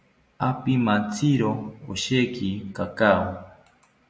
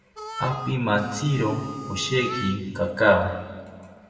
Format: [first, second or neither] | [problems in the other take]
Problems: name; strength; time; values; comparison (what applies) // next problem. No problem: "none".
first | background sound (Harmonica); 11 dB below the speech // room echo; dies away in 1.8 s